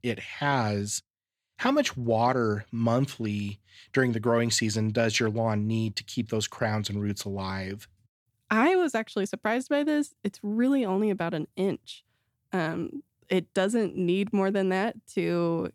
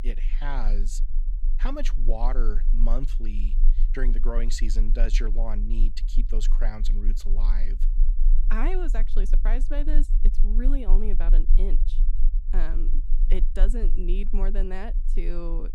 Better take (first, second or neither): first